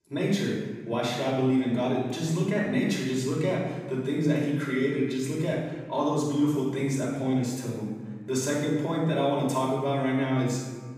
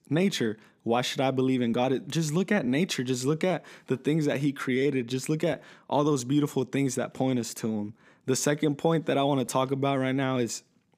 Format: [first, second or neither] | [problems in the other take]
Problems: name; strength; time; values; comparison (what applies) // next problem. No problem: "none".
second | room echo; noticeable; dies away in 1.4 s // off-mic speech; far